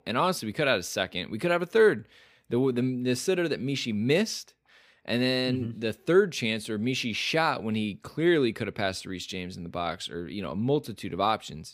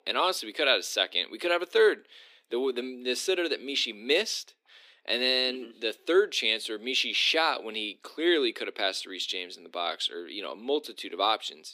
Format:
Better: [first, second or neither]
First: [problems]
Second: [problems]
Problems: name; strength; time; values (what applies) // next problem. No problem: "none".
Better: first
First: none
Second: thin; somewhat; fading below 300 Hz